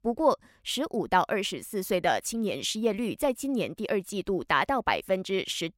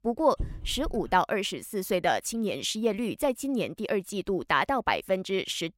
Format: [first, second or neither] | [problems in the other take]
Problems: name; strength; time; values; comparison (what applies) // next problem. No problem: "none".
first | dog barking; faint; at 0.5 s; peak 10 dB below the speech